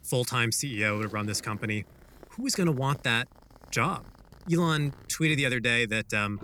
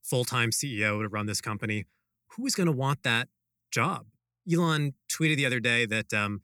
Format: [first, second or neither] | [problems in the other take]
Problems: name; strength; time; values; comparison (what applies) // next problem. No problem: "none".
second | household noises; faint; throughout; 25 dB below the speech